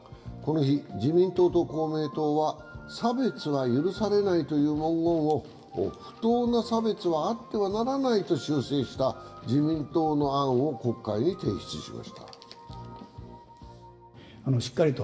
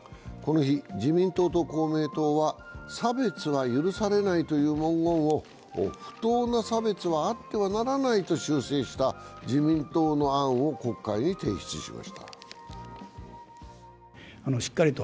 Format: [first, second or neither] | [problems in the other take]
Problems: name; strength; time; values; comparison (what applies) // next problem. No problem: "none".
second | room echo; dies away in 0.7 s